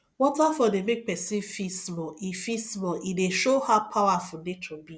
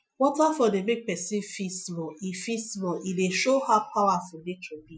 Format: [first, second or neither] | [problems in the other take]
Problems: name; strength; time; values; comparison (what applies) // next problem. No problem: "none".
first | noise reduction (classical method Wiener filter)